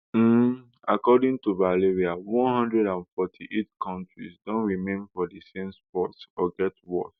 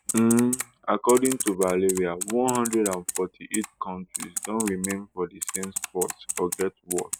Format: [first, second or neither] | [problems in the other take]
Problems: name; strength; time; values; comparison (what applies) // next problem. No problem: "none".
first | background sound (Typing); 8 dB below the speech